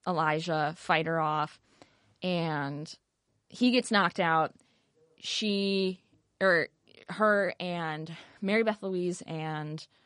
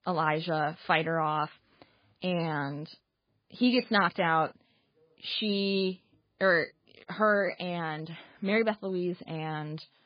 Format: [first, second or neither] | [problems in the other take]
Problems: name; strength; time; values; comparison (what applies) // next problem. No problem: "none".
first | garbled, watery; badly; nothing above 5 kHz; slightly in the first